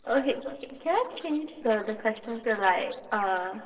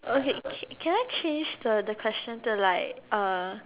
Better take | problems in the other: second | noise reduction (neural separator model SepFormer DNS4)

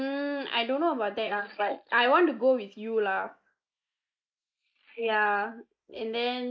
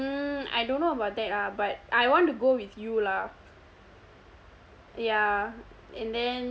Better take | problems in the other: second | noise reduction (neural mask model Resemble Enhance denoiser)

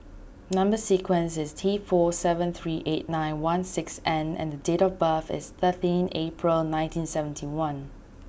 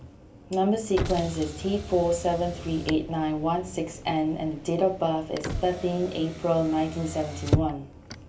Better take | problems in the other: first | background sound (Motor vehicle (road)); 8 dB below the speech // room echo; dies away in 0.3 s

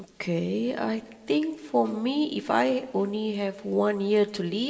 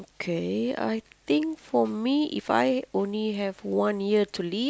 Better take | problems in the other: second | room echo; dies away in 0.9 s

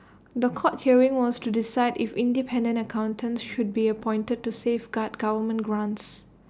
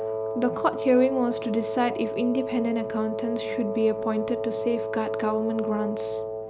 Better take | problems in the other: first | background sound (Wind instrument, woodwind instrument); 4 dB below the speech

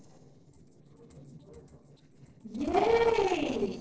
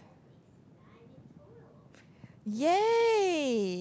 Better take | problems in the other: second | noise reduction (neural separator model SepFormer DNS4)

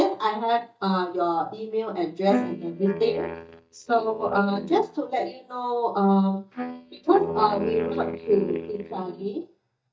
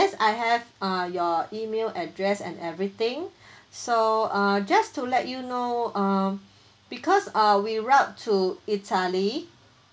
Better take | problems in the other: second | noise reduction (neural mask model DeepFilterNet 3)

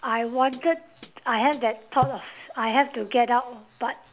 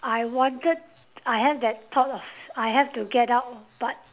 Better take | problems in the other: second | background sound (Hi-hat); 15 dB below the speech

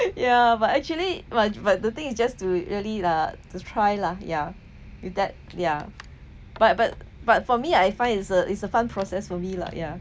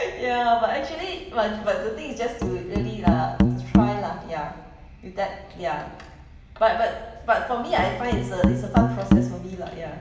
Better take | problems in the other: first | background sound (Musical instrument); 2 dB above the speech // room echo; dies away in 1 s

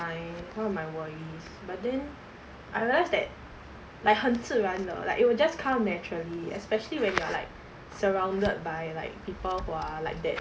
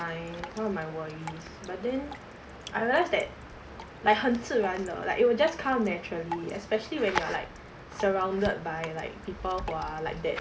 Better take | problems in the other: first | background sound (Drip); 16 dB below the speech

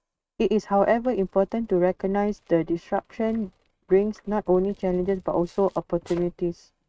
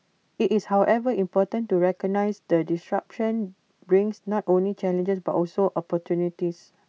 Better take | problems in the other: second | noise reduction (neural mask model RNNoise)

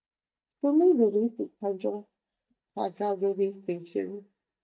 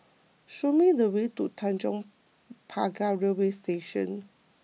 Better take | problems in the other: second | noise reduction (neural mask model DeepFilterNet 3)

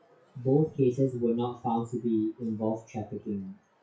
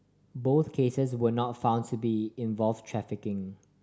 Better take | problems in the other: second | noise reduction (classical method WPE with log-MMSE)

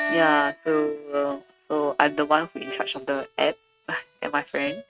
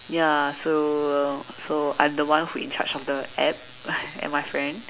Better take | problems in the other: second | noise reduction (neural mask model RNNoise)

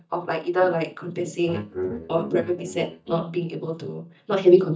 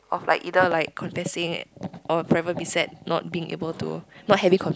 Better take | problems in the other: second | noise reduction (neural mask model DeepFilterNet 3)

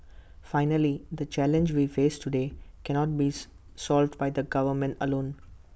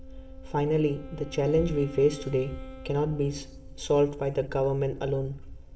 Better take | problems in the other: first | background sound (Wind instrument, woodwind instrument); 20 dB below the speech // room echo; dies away in 0.9 s

